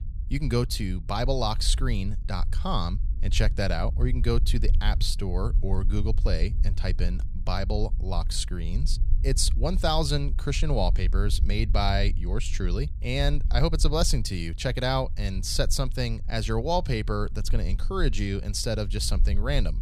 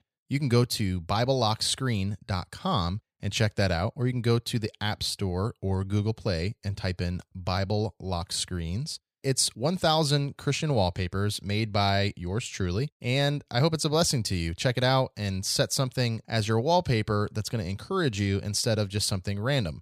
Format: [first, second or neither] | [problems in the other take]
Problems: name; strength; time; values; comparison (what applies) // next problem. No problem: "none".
second | low rumble; noticeable; throughout; 20 dB below the speech